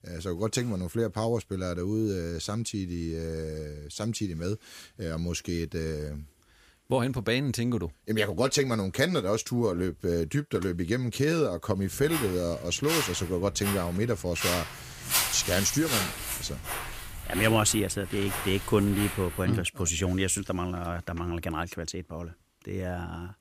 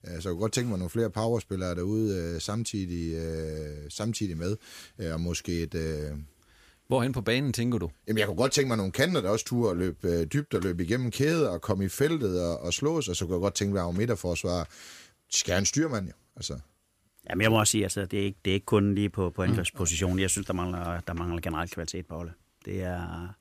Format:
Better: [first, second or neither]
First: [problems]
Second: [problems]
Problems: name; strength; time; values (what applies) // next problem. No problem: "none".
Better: second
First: footsteps; loud; from 12 to 19 s; peak 4 dB above the speech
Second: none